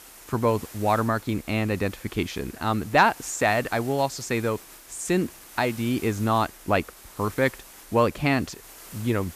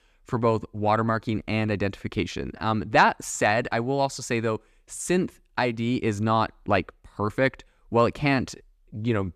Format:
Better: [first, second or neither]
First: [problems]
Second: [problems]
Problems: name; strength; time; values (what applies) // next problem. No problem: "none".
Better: second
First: hiss; noticeable; throughout; 20 dB below the speech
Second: none